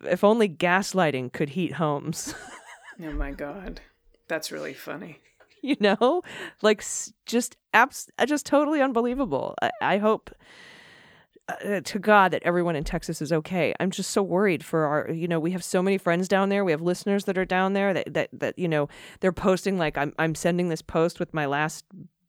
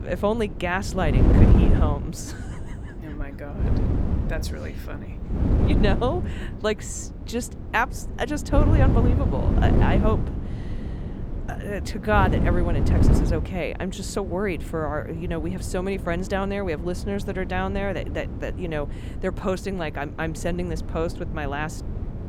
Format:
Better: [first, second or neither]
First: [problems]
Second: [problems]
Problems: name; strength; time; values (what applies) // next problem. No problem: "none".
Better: first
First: none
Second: wind noise on the microphone; heavy; 7 dB below the speech